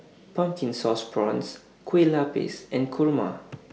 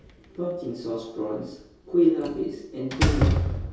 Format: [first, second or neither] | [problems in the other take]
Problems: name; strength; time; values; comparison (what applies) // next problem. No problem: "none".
first | background sound (Slam); 1 dB below the speech // room echo; dies away in 0.6 s